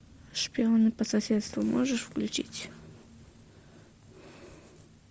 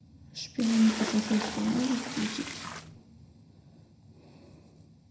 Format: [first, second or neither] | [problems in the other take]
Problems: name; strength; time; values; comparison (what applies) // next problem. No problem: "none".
first | background sound (Splash, splatter); 6 dB below the speech // room echo; dies away in 0.7 s